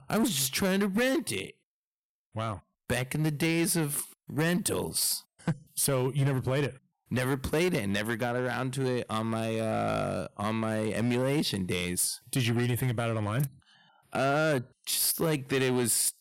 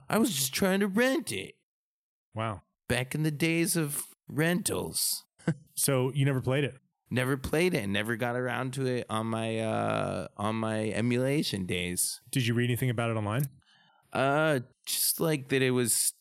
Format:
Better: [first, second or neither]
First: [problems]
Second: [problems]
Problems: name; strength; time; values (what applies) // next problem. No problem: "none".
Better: second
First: distortion; slight; 7% of the sound clipped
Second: none